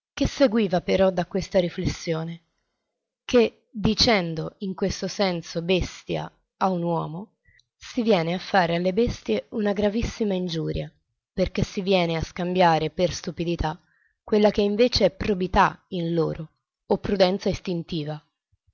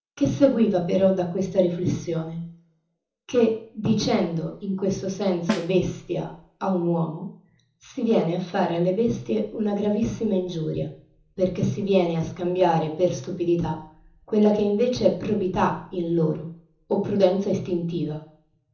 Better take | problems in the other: first | background sound (Snare drum); 9 dB below the speech // room echo; dies away in 0.7 s

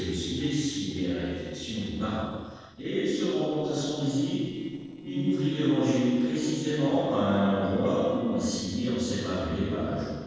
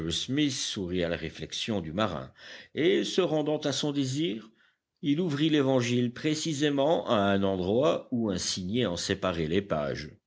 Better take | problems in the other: second | noise reduction (neural separator model SepFormer DNS4)

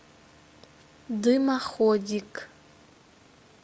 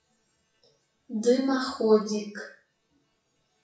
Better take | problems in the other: first | noise reduction (classical method WPE with log-MMSE)

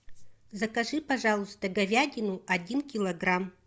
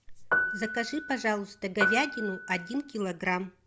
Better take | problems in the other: first | background sound (Piano); 1 dB below the speech

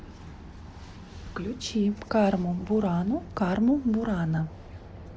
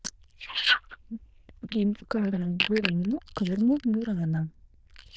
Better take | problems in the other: first | noise reduction (neural diffusion model UNIVERSE++)

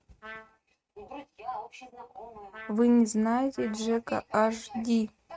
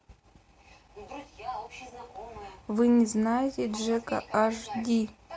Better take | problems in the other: second | noise reduction (neural mask model RNNoise)

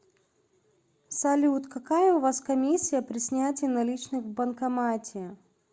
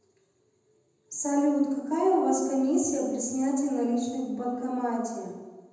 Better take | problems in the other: first | room echo; dies away in 1 s

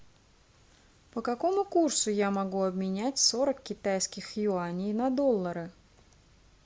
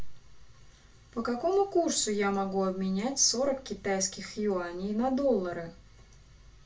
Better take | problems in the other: first | room echo; dies away in 0.2 s

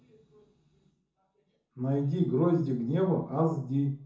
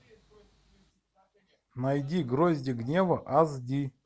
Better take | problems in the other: second | room echo; dies away in 0.6 s

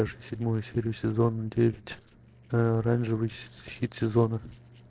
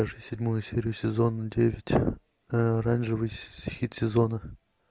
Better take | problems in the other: second | noise reduction (neural separator model SepFormer DNS4)

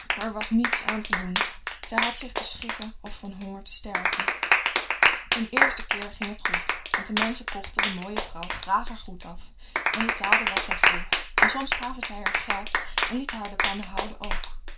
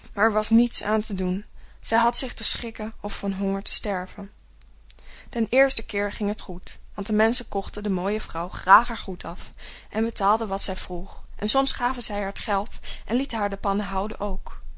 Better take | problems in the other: second | background sound (Clapping); 5 dB above the speech // room echo; dies away in 0.2 s

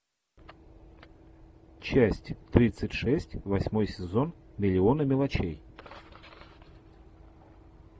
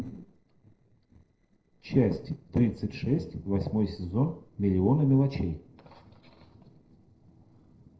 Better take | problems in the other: first | noise reduction (neural separator model SepFormer DNS4)

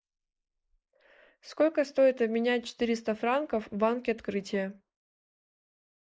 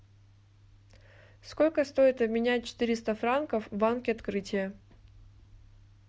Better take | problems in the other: second | noise reduction (neural mask model Resemble Enhance denoiser)

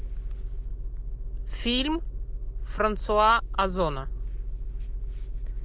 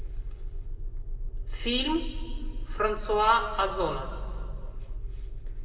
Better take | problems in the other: first | room echo; dies away in 1.9 s

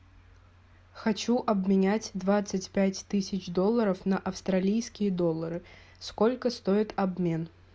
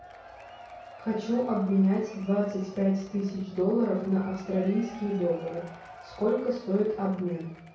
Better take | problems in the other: first | background sound (Applause / Crowd / Cheering); 19 dB below the speech // room echo; dies away in 0.6 s

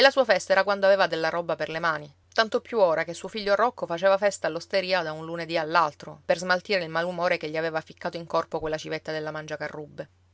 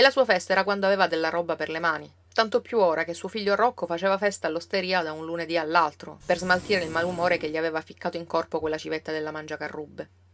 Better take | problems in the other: first | background sound (Engine); 16 dB below the speech // room echo; dies away in 0.3 s

